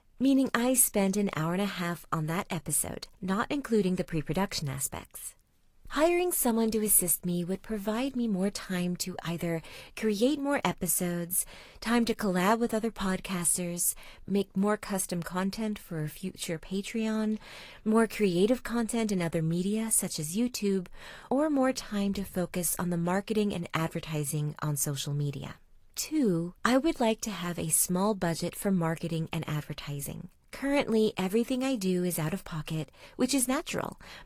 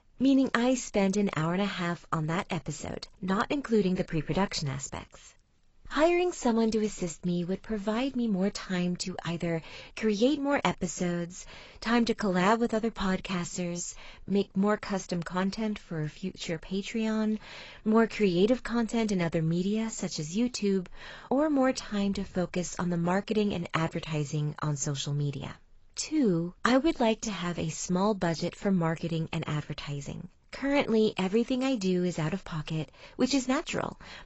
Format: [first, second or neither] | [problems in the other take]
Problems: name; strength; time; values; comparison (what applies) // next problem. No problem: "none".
first | garbled, watery; badly; nothing above 8 kHz; slightly in the first